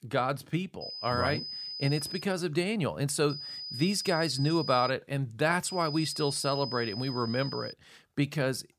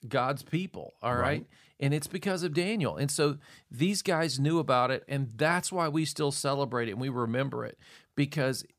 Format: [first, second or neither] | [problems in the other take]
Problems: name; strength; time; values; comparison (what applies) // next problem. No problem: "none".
second | high-pitched whine; loud; from 1 to 2 s, from 3.5 to 5 s and from 5.5 to 7.5 s; 5 kHz, 7 dB below the speech